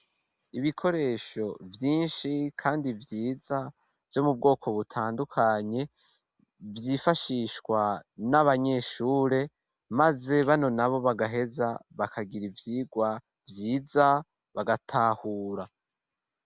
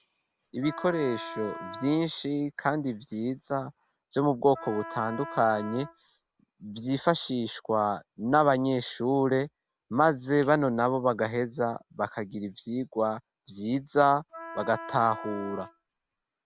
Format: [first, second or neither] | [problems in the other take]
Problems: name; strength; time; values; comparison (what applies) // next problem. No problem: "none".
first | background sound (Wind instrument, woodwind instrument); 13 dB below the speech